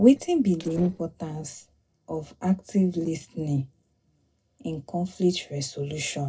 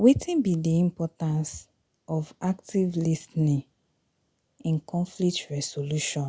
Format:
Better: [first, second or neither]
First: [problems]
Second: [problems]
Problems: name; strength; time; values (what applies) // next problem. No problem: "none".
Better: second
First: noise reduction (neural separator model SepFormer DNS4)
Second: none